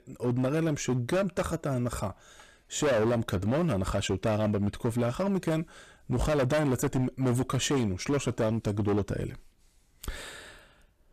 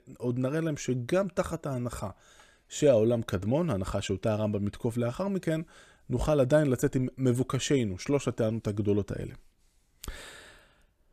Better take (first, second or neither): second